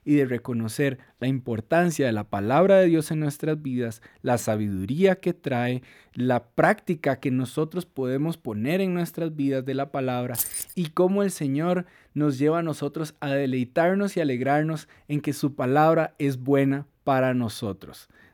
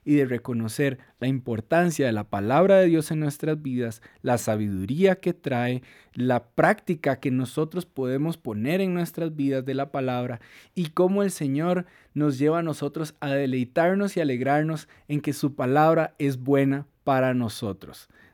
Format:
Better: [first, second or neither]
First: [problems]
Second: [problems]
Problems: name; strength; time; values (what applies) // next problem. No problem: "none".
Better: second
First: jangling keys; noticeable; at 10 s; peak 2 dB below the speech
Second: none